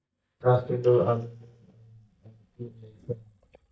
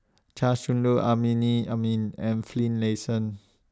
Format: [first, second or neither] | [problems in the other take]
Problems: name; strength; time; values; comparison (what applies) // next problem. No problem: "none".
second | noise reduction (neural mask model DeepFilterNet 3)